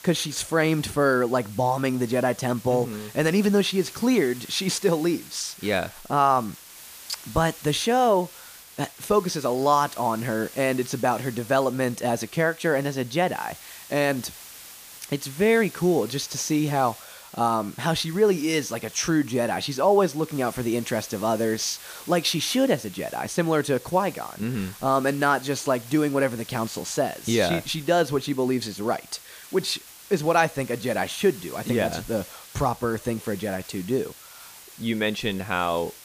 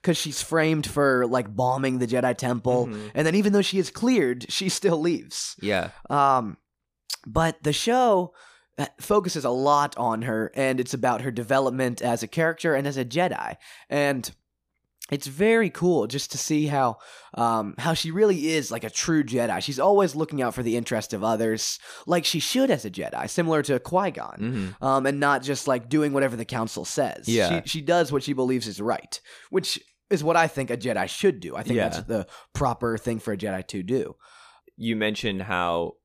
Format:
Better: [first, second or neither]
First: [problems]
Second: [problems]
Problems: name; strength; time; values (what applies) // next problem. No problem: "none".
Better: second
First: hiss; noticeable; throughout; 20 dB below the speech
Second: none